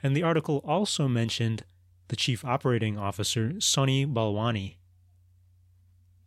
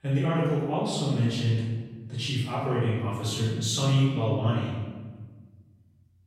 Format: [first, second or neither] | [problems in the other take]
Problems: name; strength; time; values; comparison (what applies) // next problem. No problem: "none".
first | off-mic speech; far // room echo; strong; dies away in 1.3 s